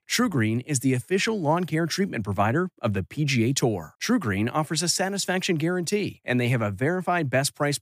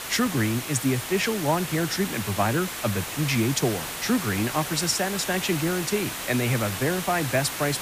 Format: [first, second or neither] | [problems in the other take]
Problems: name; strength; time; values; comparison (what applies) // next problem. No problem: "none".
first | hiss; loud; throughout; 5 dB below the speech